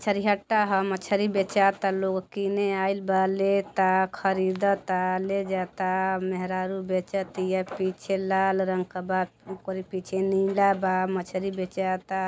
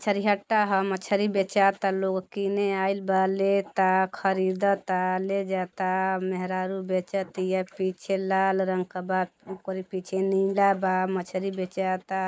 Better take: first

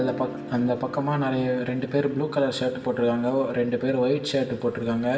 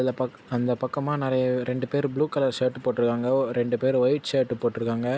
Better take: second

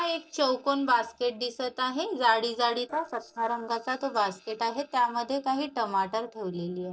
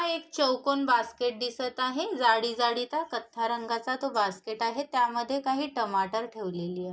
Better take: second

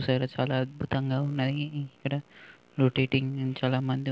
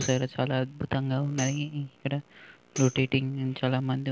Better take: first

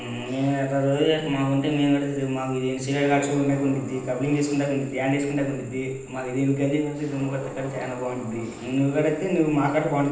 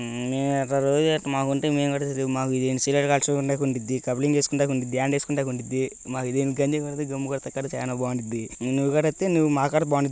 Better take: second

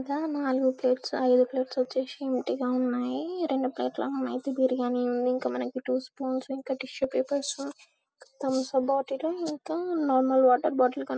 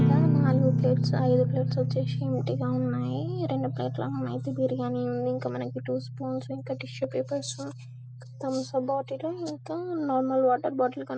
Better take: first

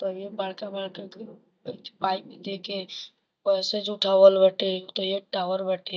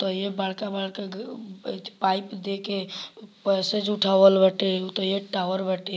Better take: second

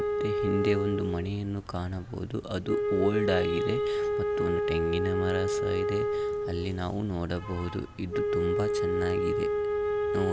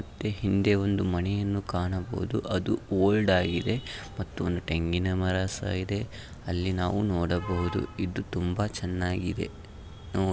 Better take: second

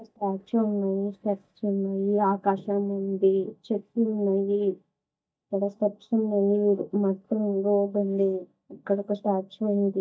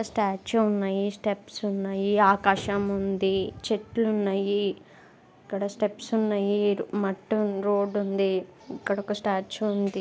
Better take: second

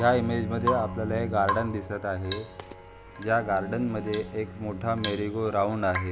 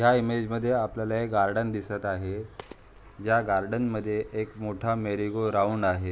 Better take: second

